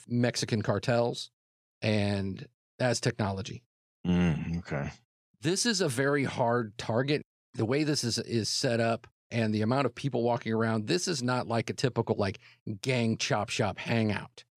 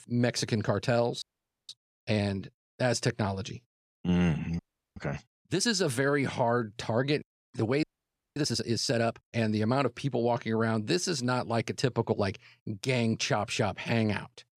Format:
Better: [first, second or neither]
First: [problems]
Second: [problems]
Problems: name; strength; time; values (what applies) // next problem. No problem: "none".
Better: first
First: none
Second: audio freezing; at 1 s, at 4.5 s and at 8 s for 0.5 s